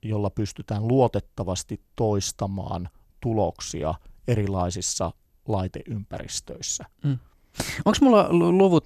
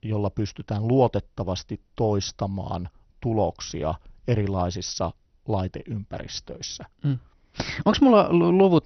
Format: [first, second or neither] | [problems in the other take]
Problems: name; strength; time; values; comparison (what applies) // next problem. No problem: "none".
first | garbled, watery; slightly; nothing above 6 kHz